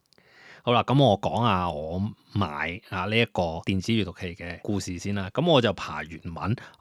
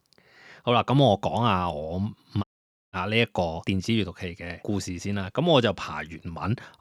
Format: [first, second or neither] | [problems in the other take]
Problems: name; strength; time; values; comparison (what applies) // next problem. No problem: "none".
first | audio cutting out; at 2.5 s